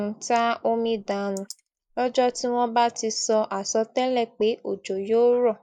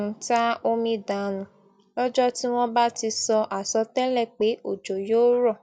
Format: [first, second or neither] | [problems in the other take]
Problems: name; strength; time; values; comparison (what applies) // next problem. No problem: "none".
second | noise reduction (neural mask model Resemble Enhance denoiser)